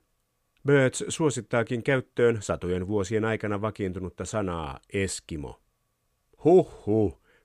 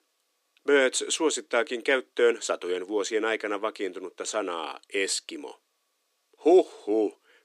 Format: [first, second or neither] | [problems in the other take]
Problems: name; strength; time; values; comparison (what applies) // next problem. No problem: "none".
first | thin; somewhat; fading below 300 Hz